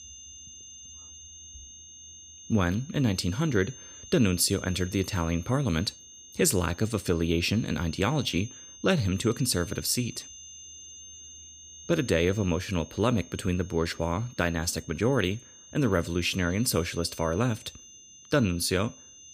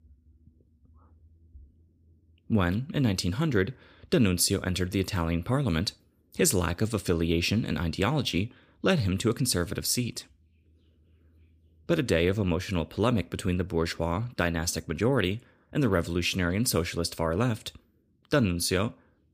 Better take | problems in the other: second | high-pitched whine; noticeable; throughout; 6.5 kHz, 15 dB below the speech

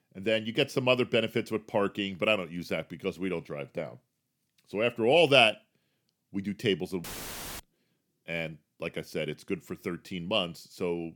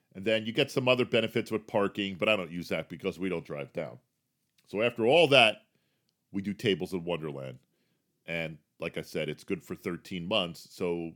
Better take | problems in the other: second | audio cutting out; filled with static; at 7 s for 0.5 s

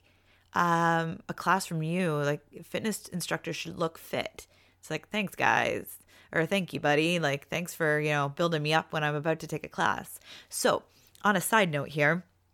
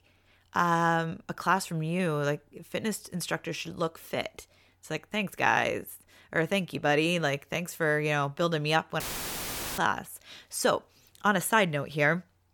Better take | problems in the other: first | audio cutting out; filled with static; at 9 s for 1 s

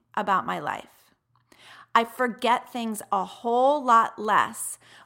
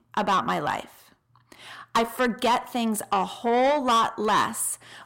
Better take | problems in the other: first | distortion; heavy; 7 dB below the speech

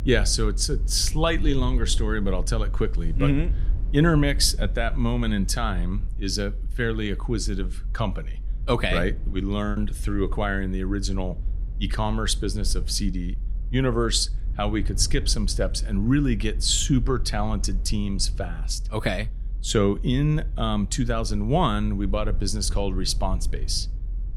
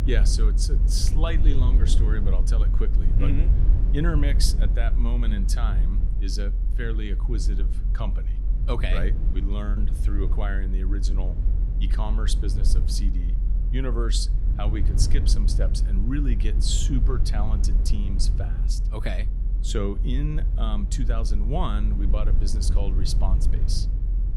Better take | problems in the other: first | low rumble; loud; throughout; 9 dB below the speech; faint in the first

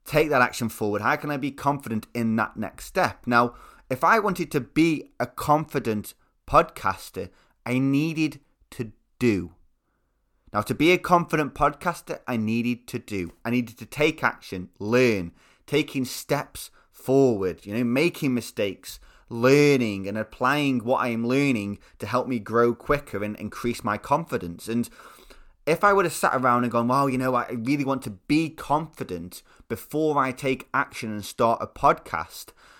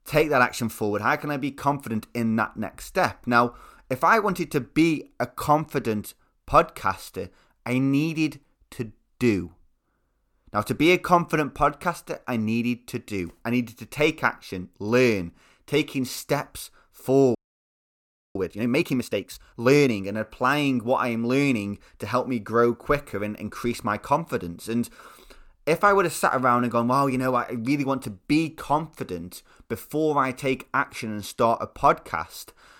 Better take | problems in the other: first | audio freezing; at 17 s for 1 s

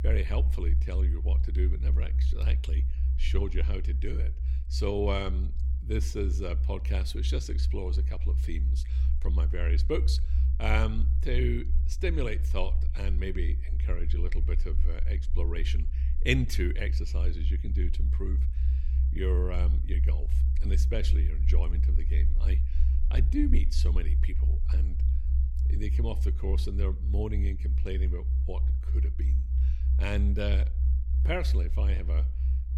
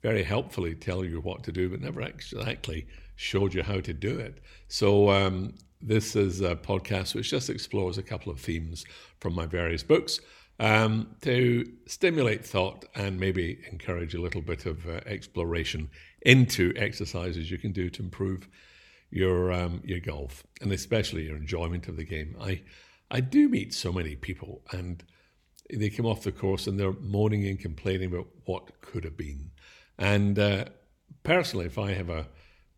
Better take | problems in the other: second | low rumble; loud; throughout; 10 dB below the speech

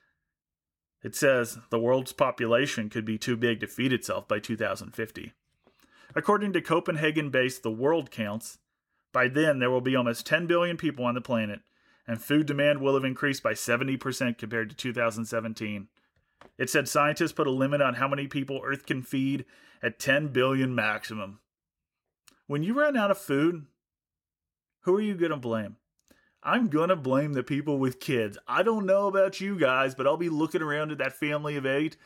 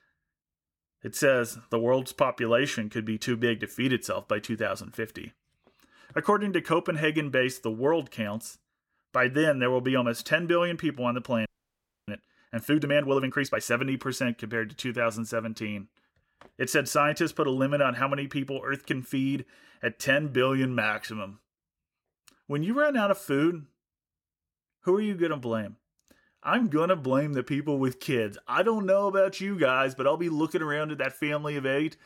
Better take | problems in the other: first | audio freezing; at 11 s for 0.5 s

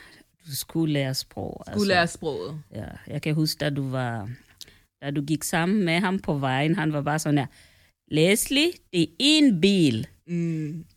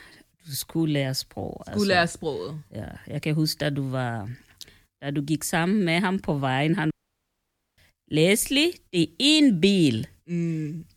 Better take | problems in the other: first | audio cutting out; at 7 s for 1 s

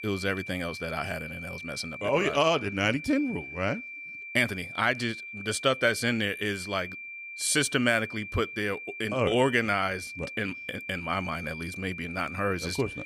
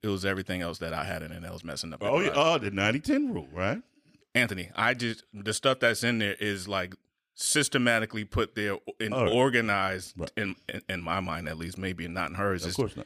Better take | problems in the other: second | high-pitched whine; loud; throughout; 2.5 kHz, 10 dB below the speech

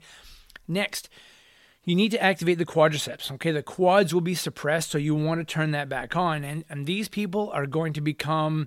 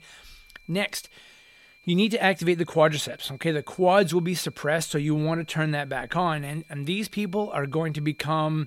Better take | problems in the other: first | high-pitched whine; faint; throughout; 2.5 kHz, 30 dB below the speech

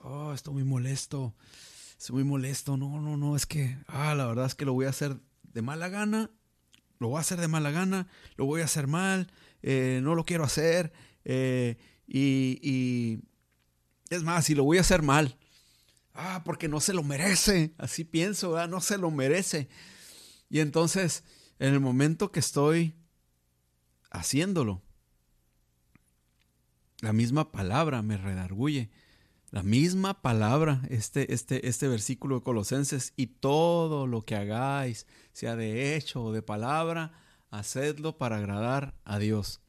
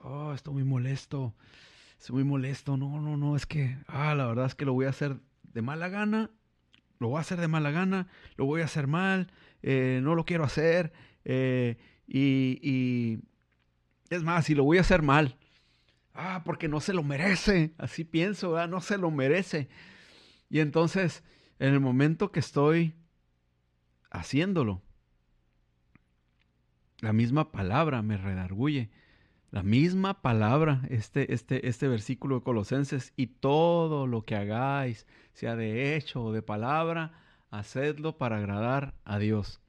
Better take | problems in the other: first | muffled; slightly; fading above 2.5 kHz

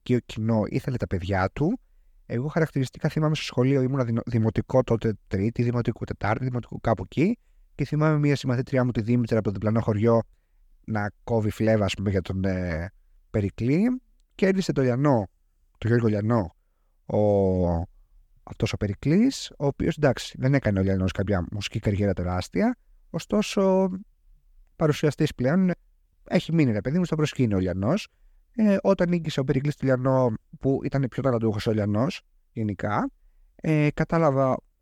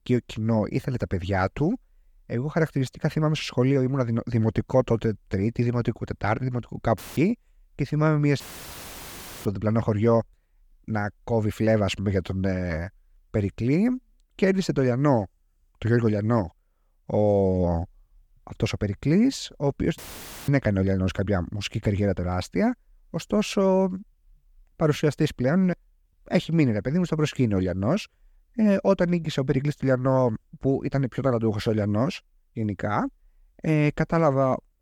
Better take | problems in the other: first | audio cutting out; filled with static; at 7 s, at 8.5 s for 1 s and at 20 s for 0.5 s

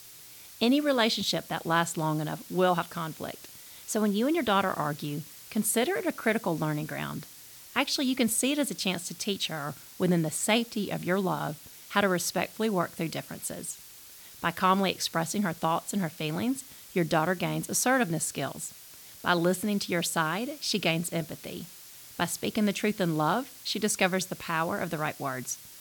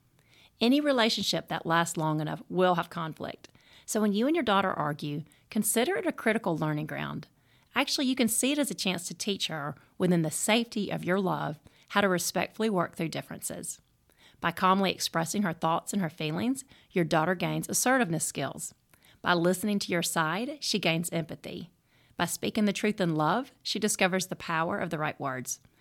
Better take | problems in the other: second | hiss; noticeable; throughout; 15 dB below the speech

